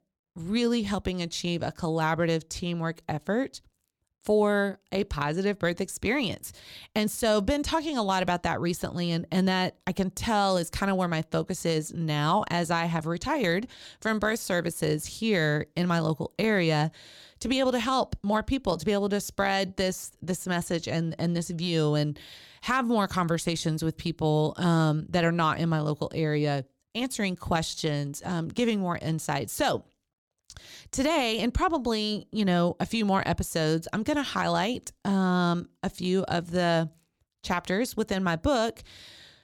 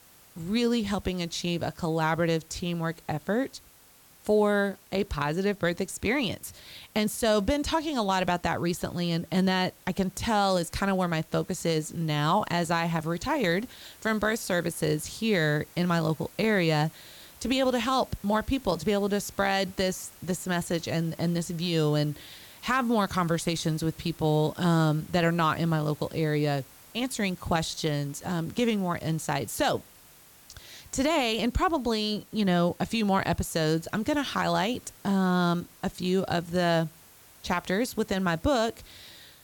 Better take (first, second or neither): first